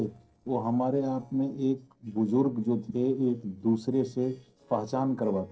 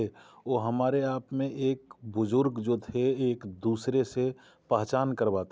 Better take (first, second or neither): second